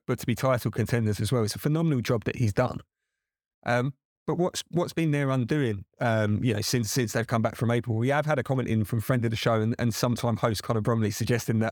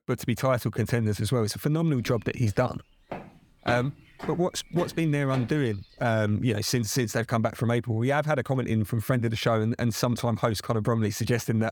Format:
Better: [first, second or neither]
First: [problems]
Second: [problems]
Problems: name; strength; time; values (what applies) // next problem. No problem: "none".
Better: first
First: none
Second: footsteps; noticeable; from 2 to 5.5 s; peak 9 dB below the speech